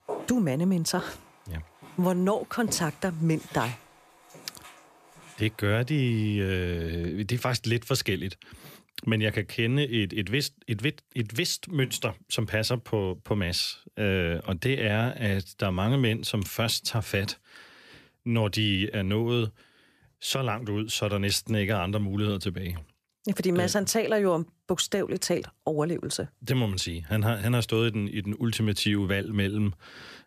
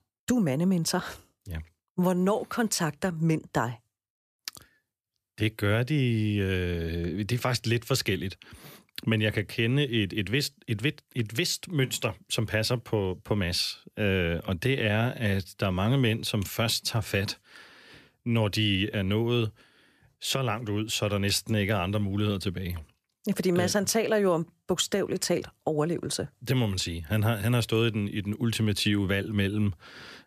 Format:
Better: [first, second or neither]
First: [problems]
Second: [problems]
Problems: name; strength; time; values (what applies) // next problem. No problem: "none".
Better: second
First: footsteps; noticeable; until 5.5 s; peak 9 dB below the speech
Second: none